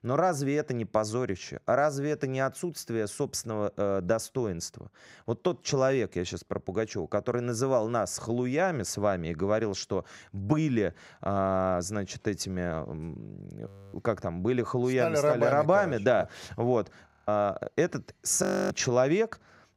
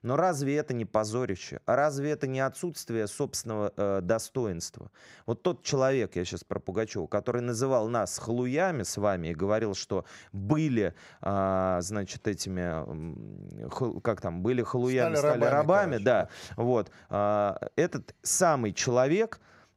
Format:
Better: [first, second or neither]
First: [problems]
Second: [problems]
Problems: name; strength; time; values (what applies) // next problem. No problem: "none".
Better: second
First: audio freezing; at 14 s, at 17 s and at 18 s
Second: none